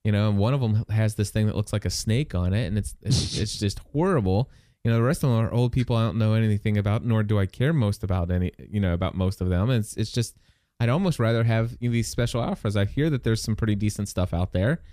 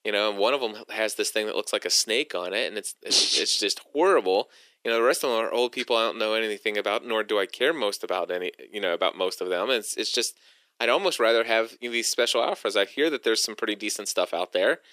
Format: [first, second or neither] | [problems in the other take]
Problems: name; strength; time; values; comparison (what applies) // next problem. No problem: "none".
first | thin; very; fading below 350 Hz